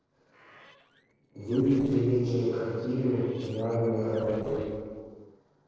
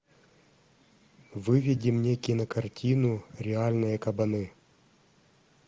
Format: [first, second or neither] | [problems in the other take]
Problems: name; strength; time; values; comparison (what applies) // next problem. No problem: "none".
second | noise reduction (neural separator model SepFormer DNS4)